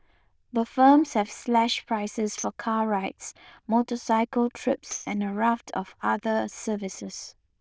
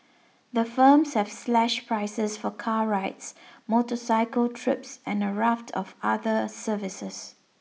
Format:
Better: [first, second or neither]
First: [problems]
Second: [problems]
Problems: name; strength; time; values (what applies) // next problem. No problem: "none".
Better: second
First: noise reduction (neural diffusion model UNIVERSE++)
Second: none